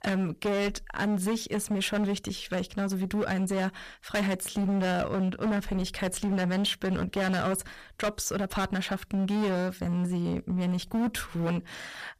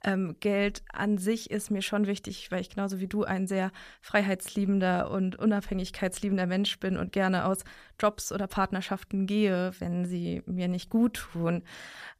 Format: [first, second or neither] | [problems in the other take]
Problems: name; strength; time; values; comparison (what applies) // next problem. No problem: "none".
second | distortion; heavy; 20% of the sound clipped